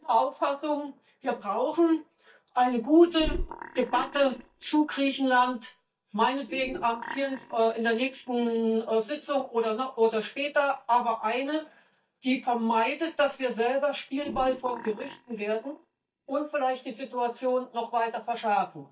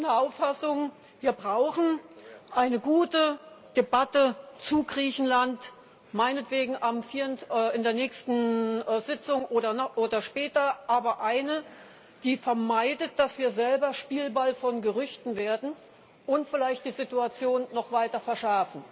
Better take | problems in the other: second | noise reduction (neural mask model DeepFilterNet 3)

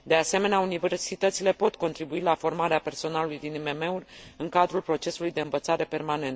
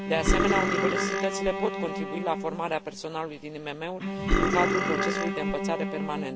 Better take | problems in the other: first | background sound (Bowed string instrument + Burping, eructation); 3 dB above the speech

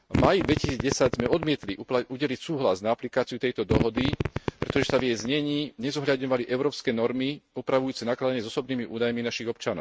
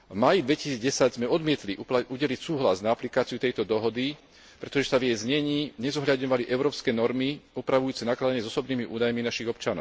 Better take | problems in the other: second | noise reduction (neural mask model RNNoise)

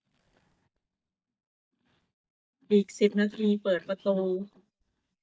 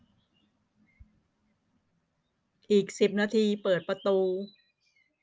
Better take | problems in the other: second | noise reduction (neural mask model DeepFilterNet 3)

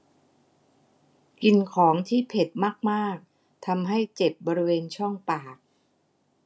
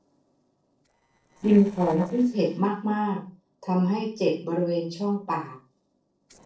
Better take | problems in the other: first | noise reduction (neural separator model SepFormer DNS4)

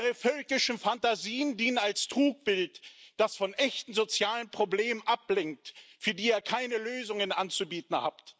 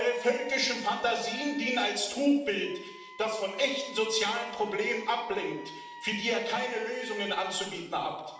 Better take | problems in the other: first | background sound (Wind instrument, woodwind instrument); 16 dB below the speech // room echo; dies away in 0.8 s

